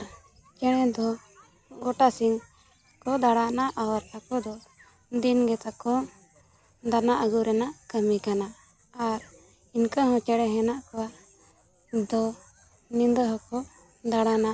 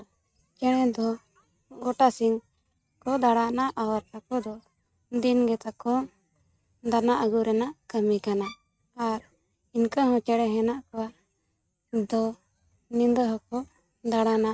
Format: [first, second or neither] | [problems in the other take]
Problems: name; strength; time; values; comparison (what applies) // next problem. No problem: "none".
first | noise reduction (neural mask model RNNoise)